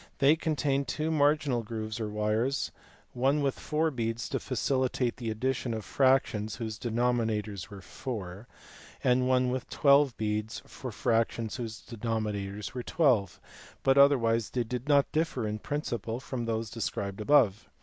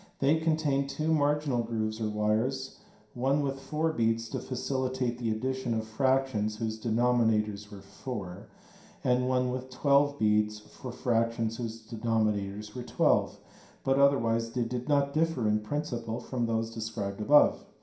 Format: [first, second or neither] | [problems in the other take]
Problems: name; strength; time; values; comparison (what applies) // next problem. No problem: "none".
first | room echo; dies away in 0.5 s